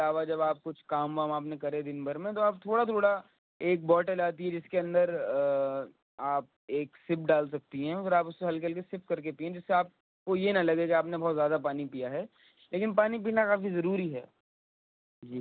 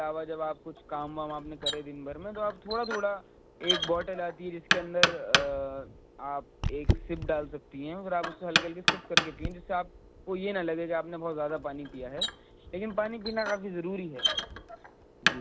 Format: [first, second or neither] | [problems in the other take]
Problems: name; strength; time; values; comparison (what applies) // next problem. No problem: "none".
first | background sound (Knock); 1 dB above the speech